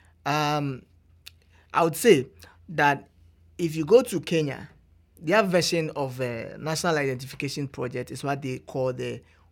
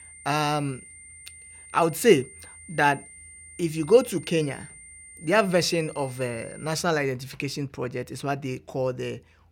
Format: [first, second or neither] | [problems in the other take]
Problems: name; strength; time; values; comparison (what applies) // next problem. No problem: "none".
first | high-pitched whine; noticeable; until 7 s; 9 kHz, 20 dB below the speech